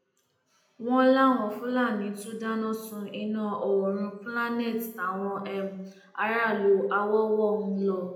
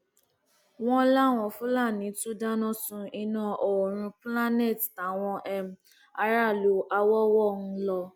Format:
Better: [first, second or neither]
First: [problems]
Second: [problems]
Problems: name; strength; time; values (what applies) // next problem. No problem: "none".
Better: second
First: room echo; dies away in 0.7 s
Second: none